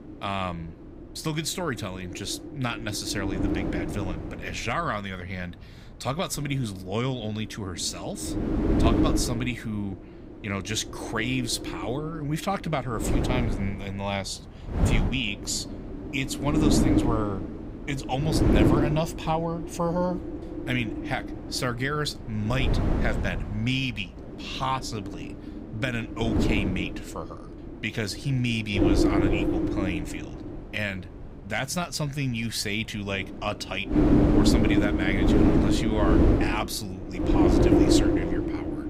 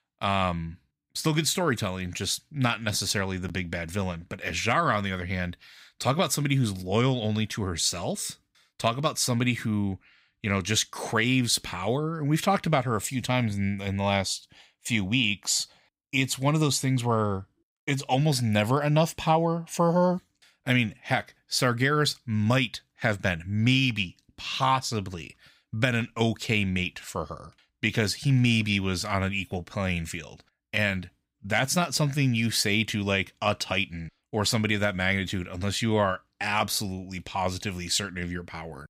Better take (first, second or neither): second